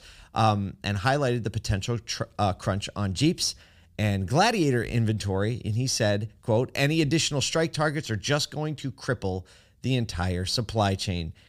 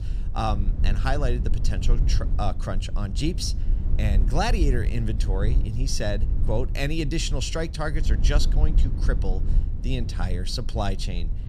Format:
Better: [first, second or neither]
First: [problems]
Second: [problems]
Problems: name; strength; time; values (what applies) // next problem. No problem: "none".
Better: first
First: none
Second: low rumble; noticeable; throughout; 15 dB below the speech